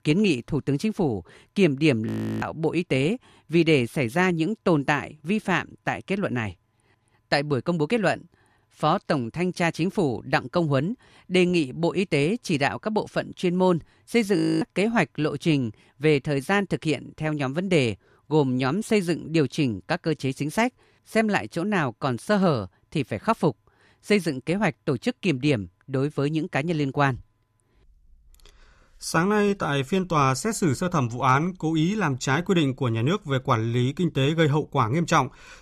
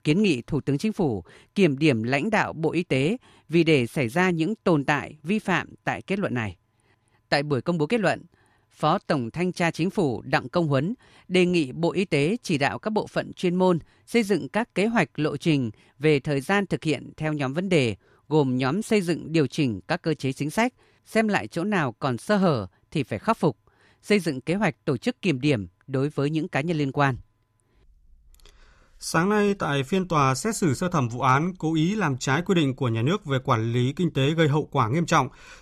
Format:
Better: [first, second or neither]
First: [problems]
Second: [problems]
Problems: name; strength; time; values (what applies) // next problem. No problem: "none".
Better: second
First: audio freezing; at 2 s and at 14 s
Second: none